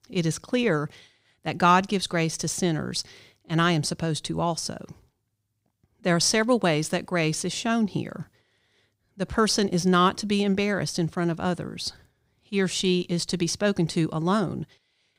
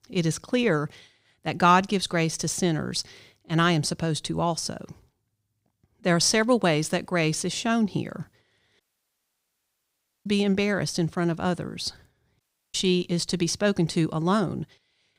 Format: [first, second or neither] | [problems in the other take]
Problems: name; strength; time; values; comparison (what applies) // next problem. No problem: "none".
first | audio cutting out; at 9 s for 1.5 s and at 12 s